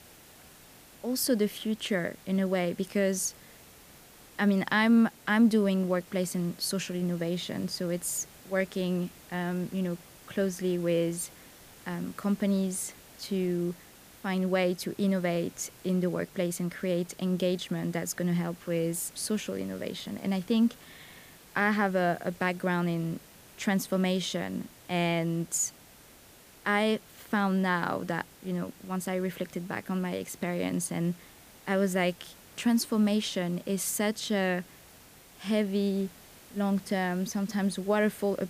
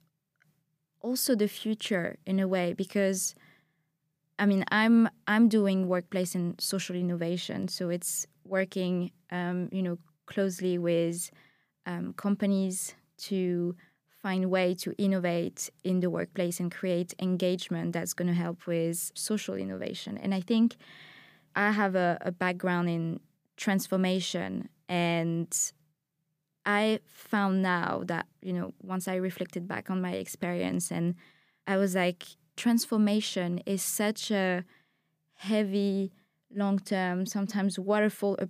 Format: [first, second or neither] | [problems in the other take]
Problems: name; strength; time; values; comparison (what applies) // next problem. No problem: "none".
second | hiss; faint; throughout; 20 dB below the speech